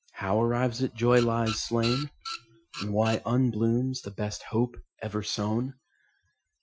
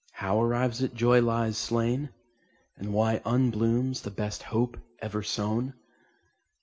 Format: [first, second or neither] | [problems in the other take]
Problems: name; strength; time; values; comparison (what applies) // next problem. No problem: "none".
second | noise reduction (classical method Wiener filter)